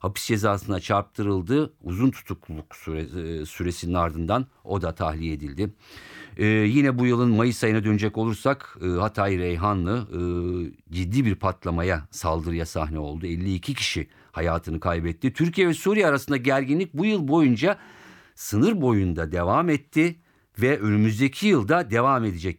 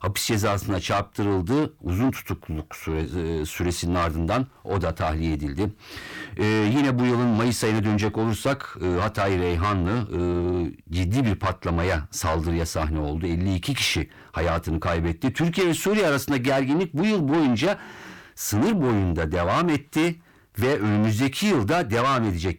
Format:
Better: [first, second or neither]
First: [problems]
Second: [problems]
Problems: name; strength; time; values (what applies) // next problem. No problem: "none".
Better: first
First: none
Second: distortion; heavy; 7 dB below the speech